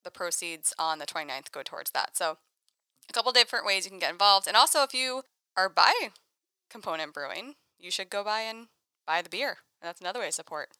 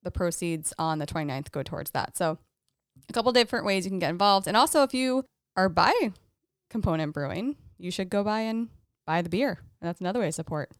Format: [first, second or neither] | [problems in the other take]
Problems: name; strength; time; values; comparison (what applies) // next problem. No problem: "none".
second | thin; very; fading below 800 Hz